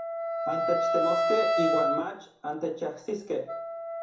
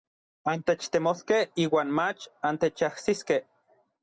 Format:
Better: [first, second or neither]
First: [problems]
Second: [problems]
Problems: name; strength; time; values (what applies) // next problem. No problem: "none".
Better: second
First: background sound (Wind instrument, woodwind instrument); 4 dB above the speech // room echo; dies away in 0.6 s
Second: none